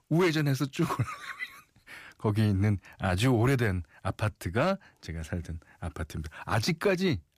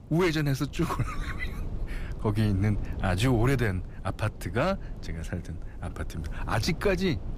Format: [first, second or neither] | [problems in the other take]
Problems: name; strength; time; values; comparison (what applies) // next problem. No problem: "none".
first | low rumble; noticeable; throughout; 20 dB below the speech